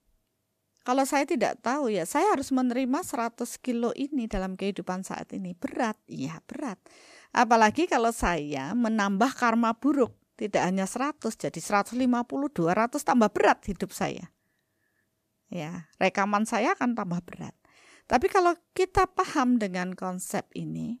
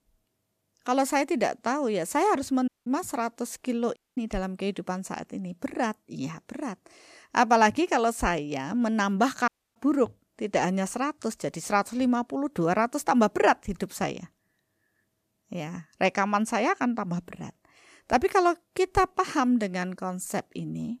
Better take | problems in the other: first | audio cutting out; at 2.5 s, at 4 s and at 9.5 s

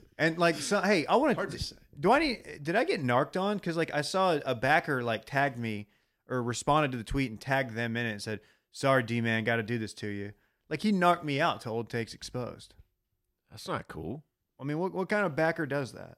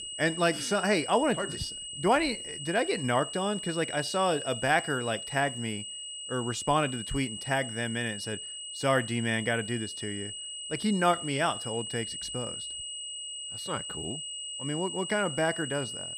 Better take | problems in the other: first | high-pitched whine; loud; throughout; 3 kHz, 6 dB below the speech

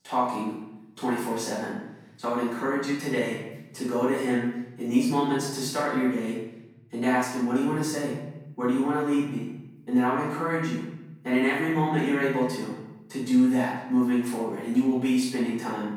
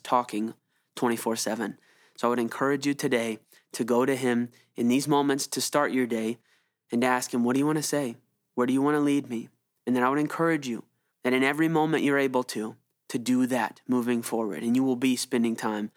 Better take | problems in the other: second | room echo; noticeable; dies away in 1.4 s // off-mic speech; far

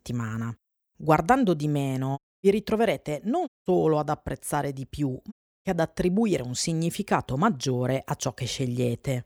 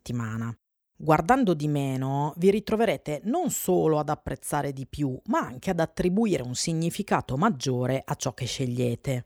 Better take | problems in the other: second | audio cutting out; at 2 s, at 3.5 s and at 5.5 s

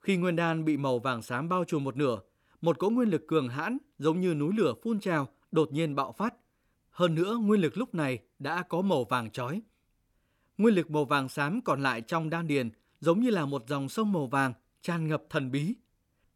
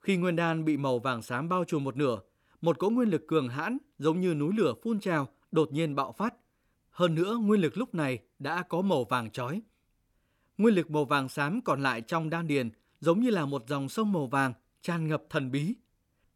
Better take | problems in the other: neither | none

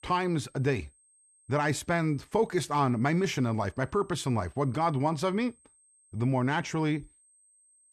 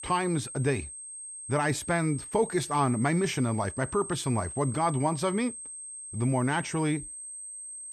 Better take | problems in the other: first | high-pitched whine; loud; throughout; 8.5 kHz, 10 dB below the speech; faint in the first

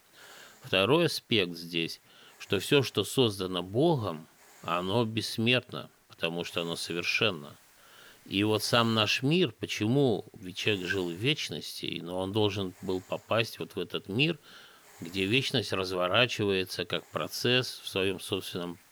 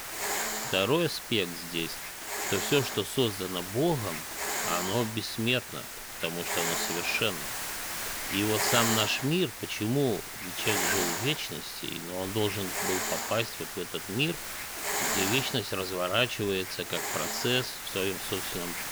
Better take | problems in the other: first | hiss; loud; throughout; 2 dB below the speech; faint in the first

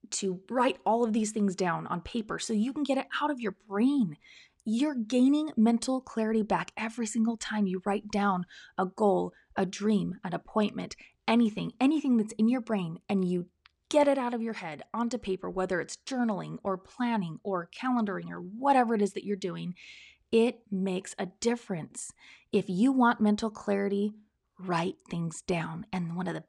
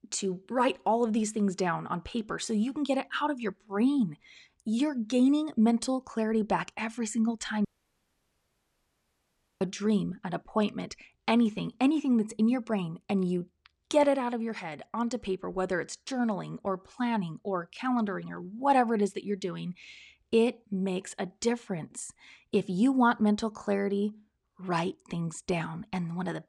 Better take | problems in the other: first | audio cutting out; at 7.5 s for 2 s

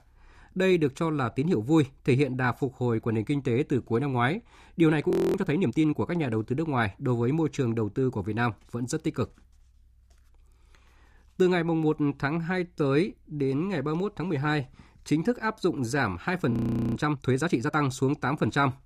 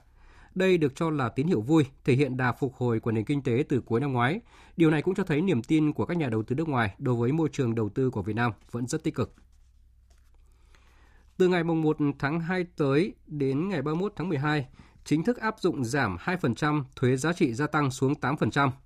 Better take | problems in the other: second | audio freezing; at 5 s and at 17 s

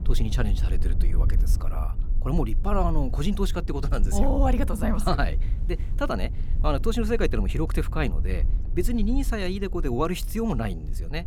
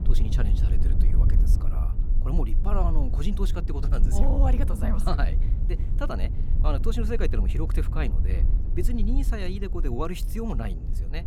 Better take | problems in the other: first | wind noise on the microphone; heavy; 9 dB below the speech; occasional gusts in the first

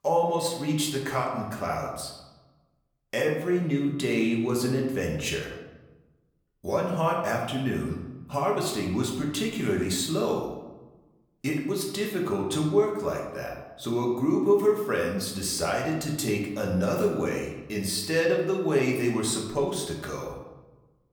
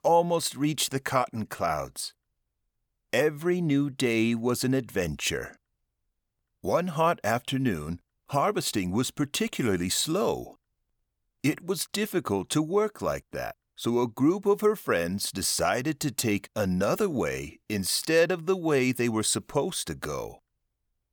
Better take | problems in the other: second | room echo; noticeable; dies away in 0.8 s // off-mic speech; somewhat distant

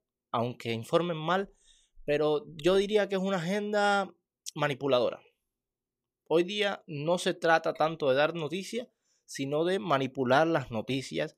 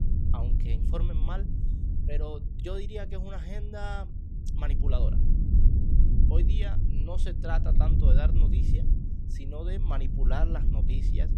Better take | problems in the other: first | low rumble; loud; throughout; 4 dB below the speech

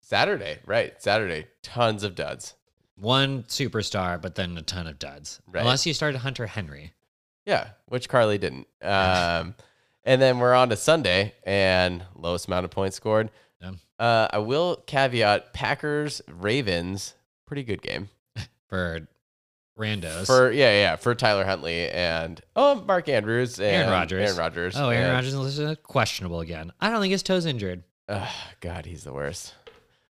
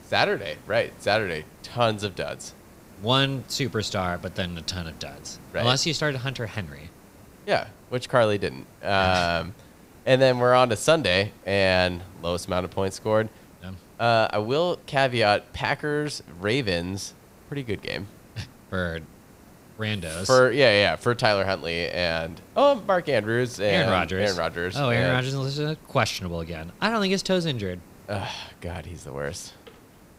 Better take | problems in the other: first | hiss; faint; throughout; 25 dB below the speech

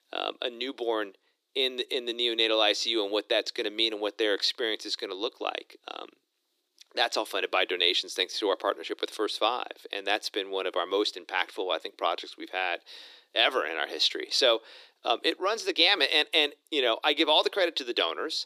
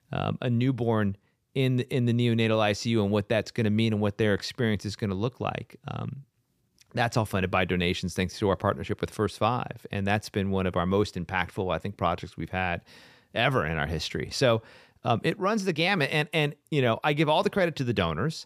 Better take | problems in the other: second | thin; very; fading below 300 Hz

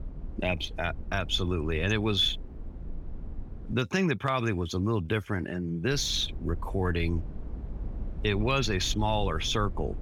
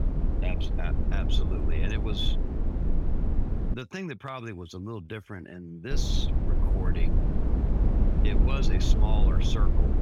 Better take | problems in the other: first | low rumble; loud; until 3.5 s and from 6 s on; 2 dB below the speech; faint in the first

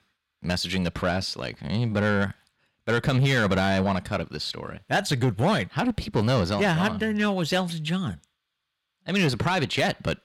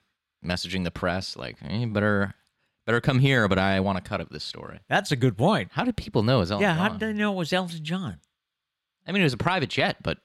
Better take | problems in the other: second | distortion; slight; 10 dB below the speech

